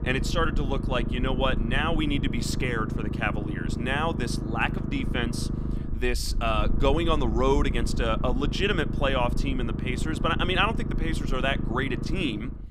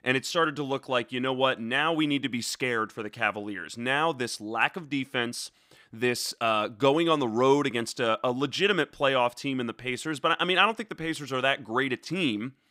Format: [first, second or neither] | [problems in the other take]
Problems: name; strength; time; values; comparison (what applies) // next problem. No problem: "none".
second | low rumble; noticeable; throughout; 10 dB below the speech